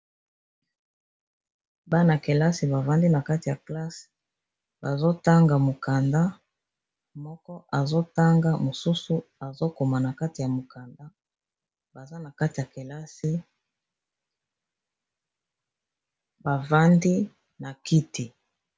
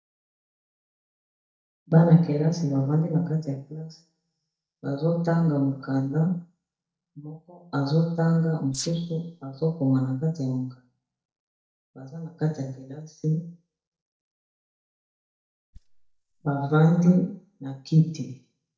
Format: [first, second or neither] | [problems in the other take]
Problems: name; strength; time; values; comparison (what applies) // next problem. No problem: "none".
first | noise reduction (neural mask model DeepFilterNet 3)